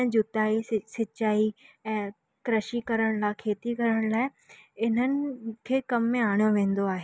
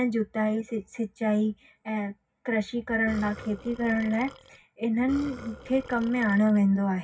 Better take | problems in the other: first | background sound (Burping, eructation); 17 dB below the speech // room echo; dies away in 0.4 s

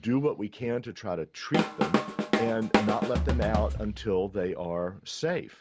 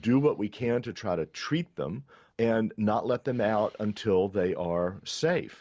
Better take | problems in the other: second | background sound (Drum kit); 2 dB above the speech

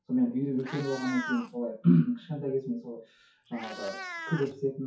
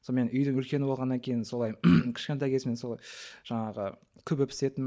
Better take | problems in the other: second | noise reduction (classical method WPE with log-MMSE)

